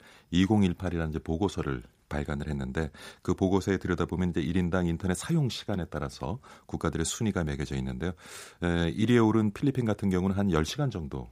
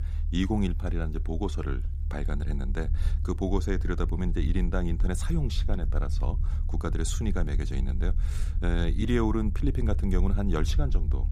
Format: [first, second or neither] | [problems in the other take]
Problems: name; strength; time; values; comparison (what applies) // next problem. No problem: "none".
first | low rumble; noticeable; throughout; 15 dB below the speech